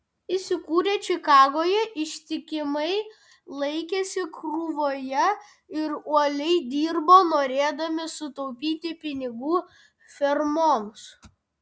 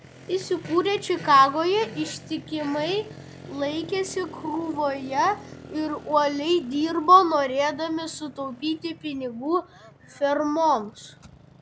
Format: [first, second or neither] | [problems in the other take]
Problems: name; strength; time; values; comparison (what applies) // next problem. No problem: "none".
first | background sound (Motorcycle + Fart); 18 dB below the speech